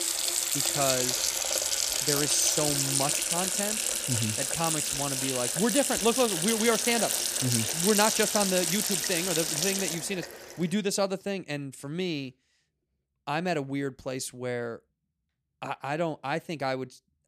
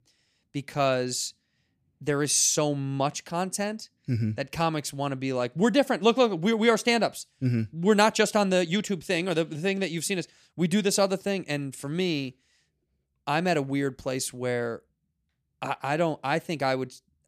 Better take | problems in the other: second | household noises; very loud; until 11 s; 4 dB above the speech

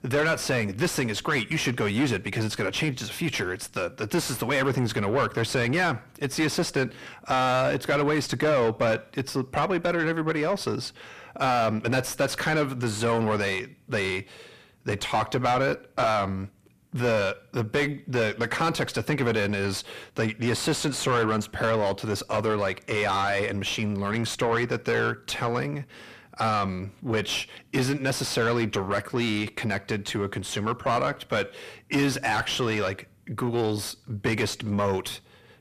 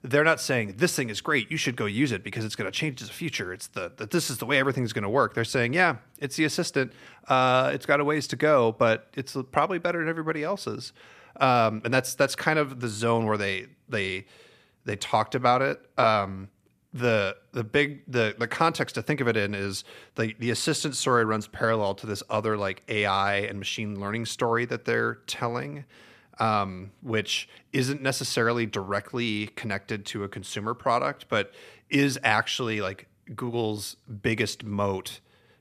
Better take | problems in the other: second | distortion; heavy; 7 dB below the speech

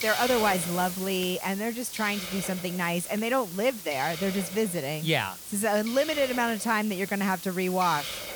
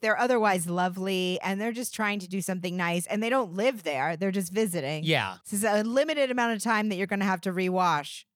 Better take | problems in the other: second | hiss; loud; throughout; 8 dB below the speech

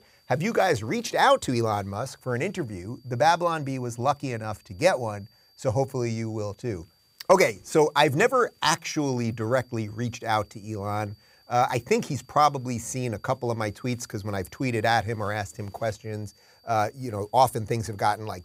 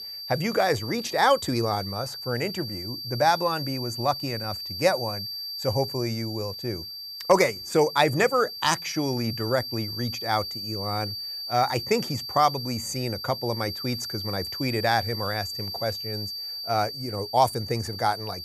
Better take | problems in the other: first | high-pitched whine; loud; throughout; 4.5 kHz, 6 dB below the speech; faint in the first

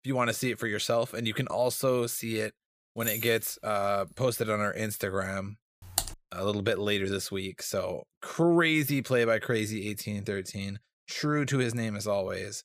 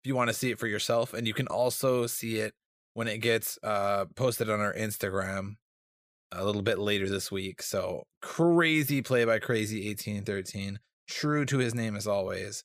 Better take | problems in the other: second | jangling keys; noticeable; at 3 s; peak 3 dB below the speech // keyboard typing; noticeable; at 6 s; peak 2 dB below the speech

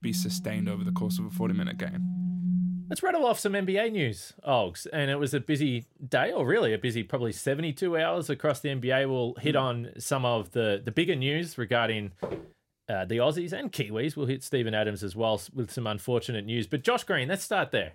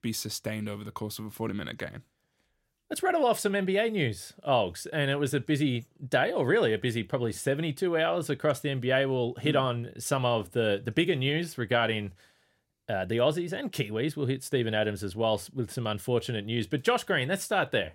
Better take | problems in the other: second | phone ringing; loud; until 3 s; peak 1 dB above the speech // footsteps; noticeable; at 12 s; peak 8 dB below the speech

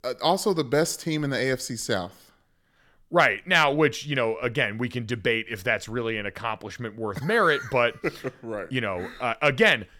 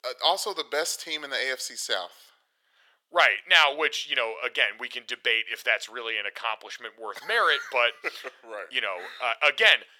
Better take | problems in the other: first | thin; very; fading below 550 Hz

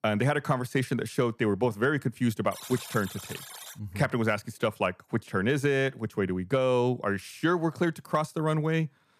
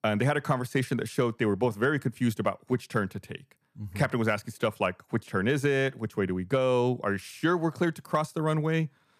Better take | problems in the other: second | alarm; faint; from 2.5 to 4 s; peak 10 dB below the speech

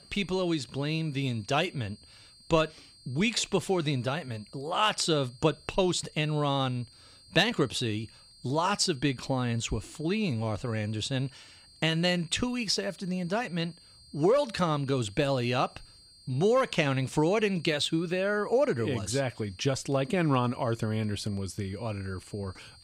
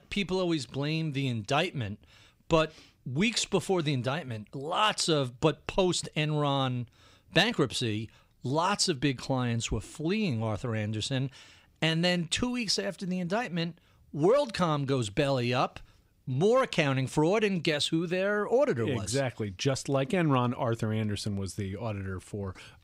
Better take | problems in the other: second | high-pitched whine; faint; throughout; 4.5 kHz, 25 dB below the speech

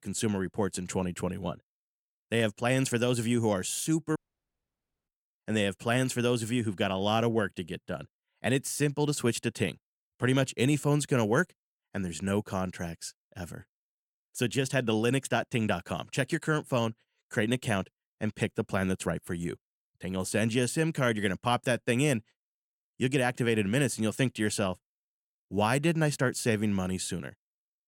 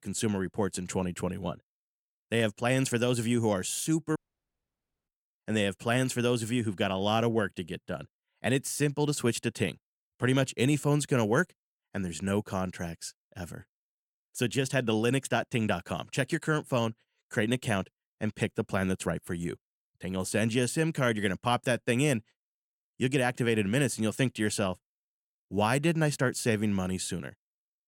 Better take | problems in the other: neither | audio cutting out; at 4 s for 1 s; the same in both

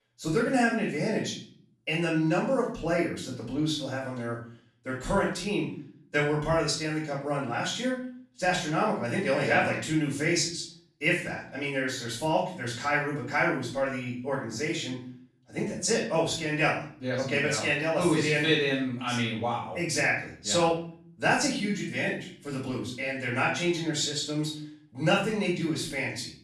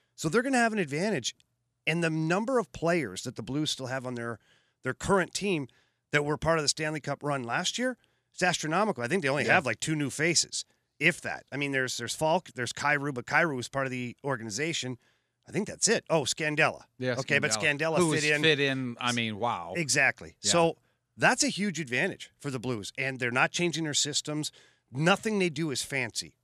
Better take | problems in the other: second | room echo; noticeable; dies away in 0.5 s // off-mic speech; far

